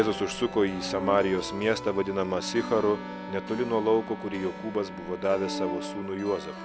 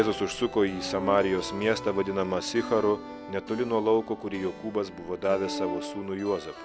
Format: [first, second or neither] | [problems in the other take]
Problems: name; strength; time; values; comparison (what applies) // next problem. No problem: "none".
second | background sound (Wind instrument, woodwind instrument); 14 dB below the speech